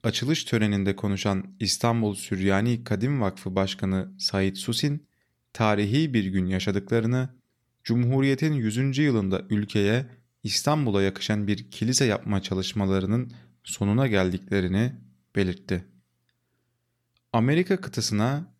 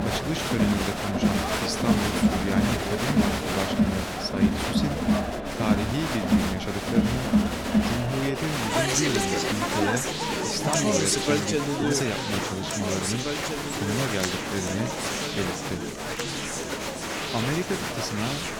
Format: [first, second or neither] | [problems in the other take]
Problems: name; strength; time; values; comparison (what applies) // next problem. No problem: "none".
first | crowd noise; very loud; throughout; 5 dB above the speech